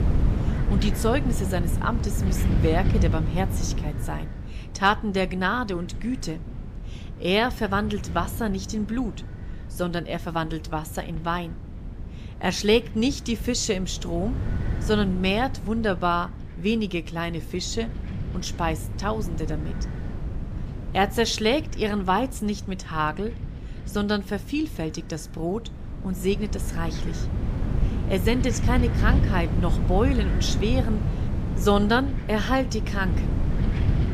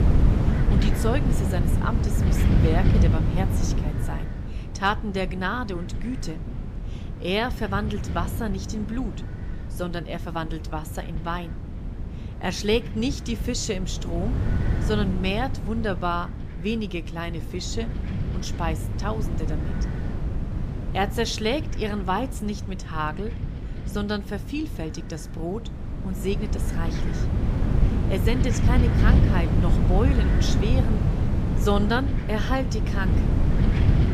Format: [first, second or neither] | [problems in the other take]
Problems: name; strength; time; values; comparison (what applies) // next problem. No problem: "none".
first | wind noise on the microphone; heavy; 6 dB below the speech; occasional gusts in the first